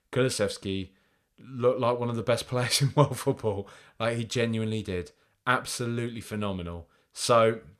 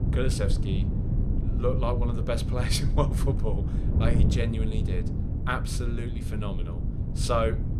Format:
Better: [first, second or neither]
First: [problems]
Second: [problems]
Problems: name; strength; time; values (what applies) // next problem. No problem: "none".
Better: first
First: none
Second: wind noise on the microphone; heavy; 8 dB below the speech